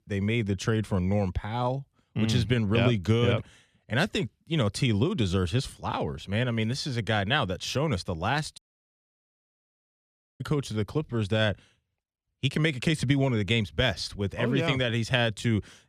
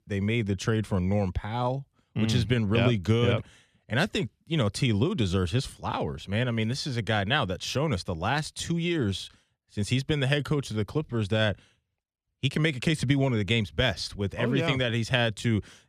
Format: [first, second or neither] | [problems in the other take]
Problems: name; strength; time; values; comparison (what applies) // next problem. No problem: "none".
second | audio cutting out; at 8.5 s for 2 s